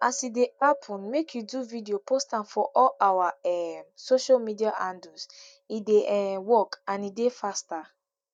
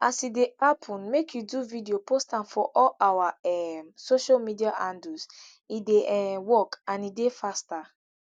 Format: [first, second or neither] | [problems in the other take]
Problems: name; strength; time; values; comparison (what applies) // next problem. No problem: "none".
second | noise reduction (neural mask model DeepFilterNet 3)